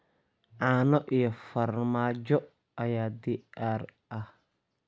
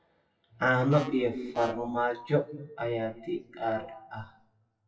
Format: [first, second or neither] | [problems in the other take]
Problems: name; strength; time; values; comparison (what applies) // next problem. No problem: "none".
first | noise reduction (classical method WPE with log-MMSE)